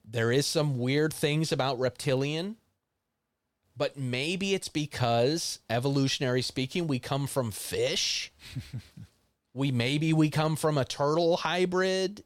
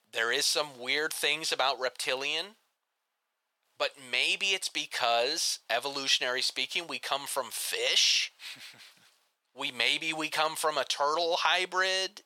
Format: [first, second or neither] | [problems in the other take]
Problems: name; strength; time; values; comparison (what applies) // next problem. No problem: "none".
first | thin; very; fading below 900 Hz